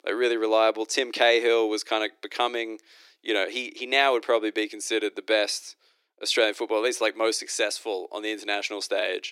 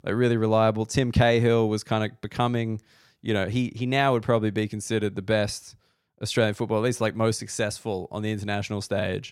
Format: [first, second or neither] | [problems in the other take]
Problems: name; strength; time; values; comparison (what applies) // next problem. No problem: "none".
second | thin; very; fading below 300 Hz